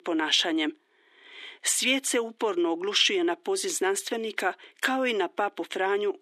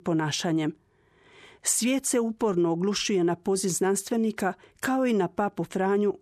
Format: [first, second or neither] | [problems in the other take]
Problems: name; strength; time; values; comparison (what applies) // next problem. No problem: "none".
second | thin; somewhat; fading below 300 Hz